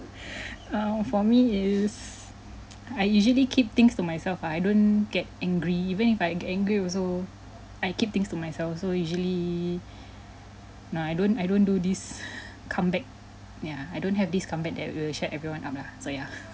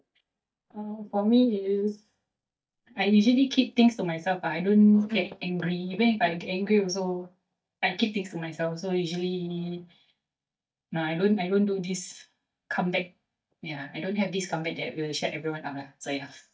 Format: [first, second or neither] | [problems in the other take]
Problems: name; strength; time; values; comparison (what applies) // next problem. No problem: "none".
first | noise reduction (neural mask model DeepFilterNet 3)